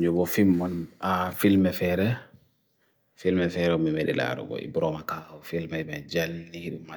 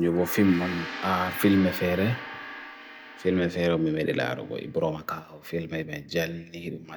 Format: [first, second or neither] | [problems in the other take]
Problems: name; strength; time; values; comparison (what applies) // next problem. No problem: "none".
first | background sound (Gong); 13 dB below the speech